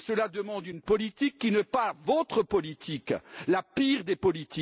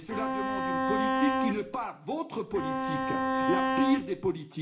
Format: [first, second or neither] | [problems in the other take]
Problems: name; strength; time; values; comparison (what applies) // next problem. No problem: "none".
first | background sound (Bowed string instrument); 3 dB above the speech // room echo; dies away in 0.4 s